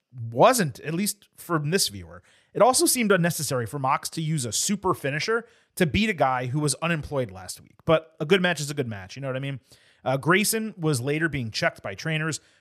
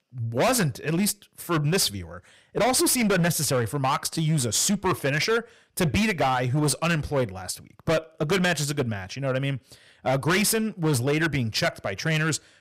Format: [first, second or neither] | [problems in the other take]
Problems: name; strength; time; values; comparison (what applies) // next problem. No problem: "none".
first | distortion; heavy; 15% of the sound clipped